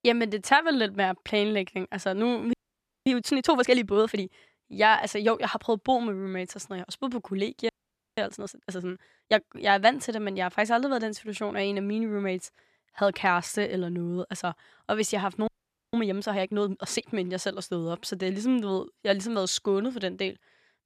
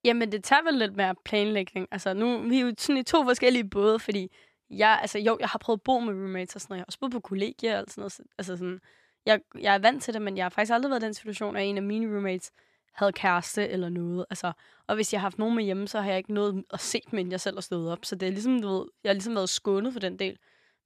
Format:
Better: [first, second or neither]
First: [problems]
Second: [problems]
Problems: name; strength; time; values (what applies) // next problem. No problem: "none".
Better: second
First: audio freezing; at 2.5 s for 0.5 s, at 7.5 s and at 15 s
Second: none